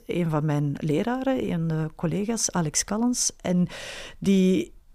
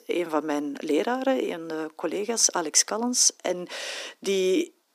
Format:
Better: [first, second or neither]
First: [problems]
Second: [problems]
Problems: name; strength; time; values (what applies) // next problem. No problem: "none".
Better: first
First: none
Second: thin; somewhat; fading below 250 Hz